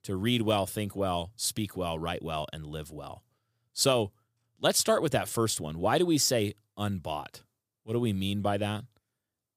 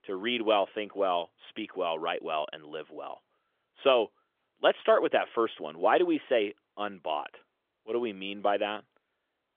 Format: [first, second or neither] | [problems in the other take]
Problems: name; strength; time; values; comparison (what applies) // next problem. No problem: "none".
first | phone-call audio; nothing above 3.5 kHz